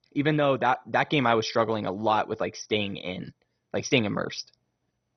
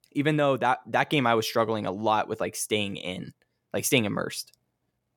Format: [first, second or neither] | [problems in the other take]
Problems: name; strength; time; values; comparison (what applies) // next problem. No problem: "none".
second | garbled, watery; badly; nothing above 6 kHz